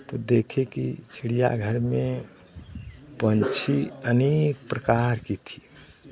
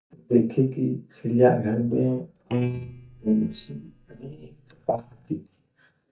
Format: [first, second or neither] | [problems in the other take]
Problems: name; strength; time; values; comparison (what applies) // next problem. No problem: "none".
first | noise reduction (neural mask model DeepFilterNet 3)